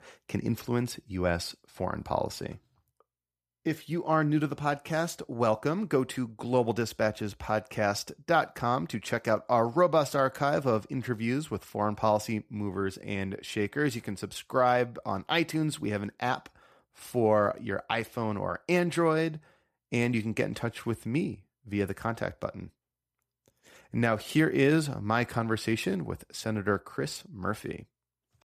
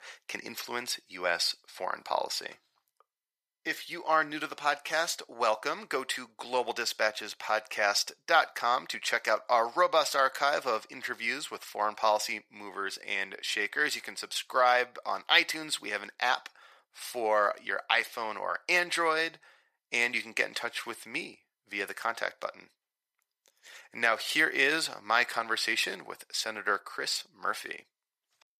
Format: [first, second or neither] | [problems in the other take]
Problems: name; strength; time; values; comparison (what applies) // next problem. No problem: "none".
first | thin; very; fading below 750 Hz